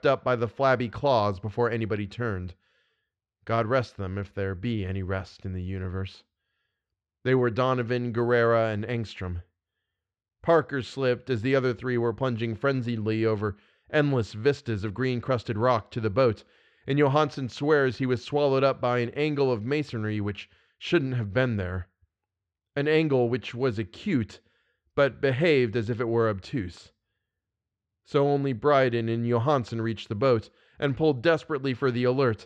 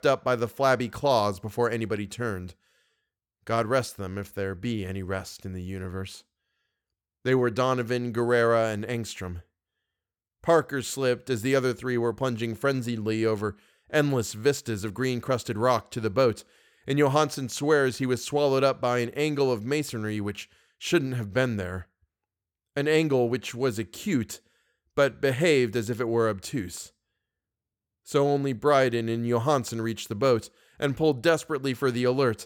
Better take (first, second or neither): second